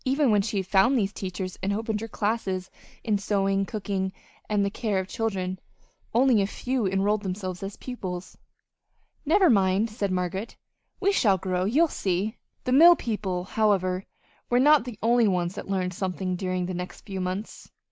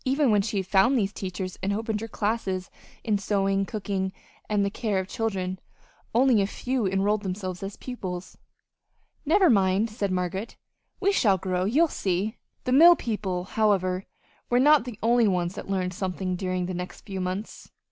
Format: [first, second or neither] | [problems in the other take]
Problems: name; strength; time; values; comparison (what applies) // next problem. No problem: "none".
second | noise reduction (neural mask model Resemble Enhance denoiser)